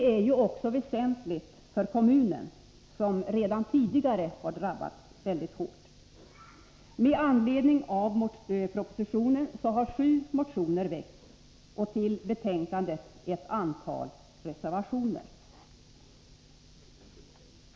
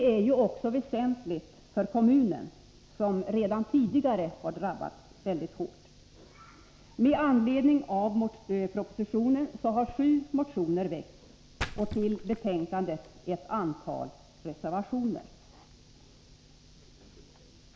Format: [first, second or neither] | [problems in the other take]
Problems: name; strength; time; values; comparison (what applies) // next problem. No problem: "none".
first | background sound (Splash, splatter); 13 dB below the speech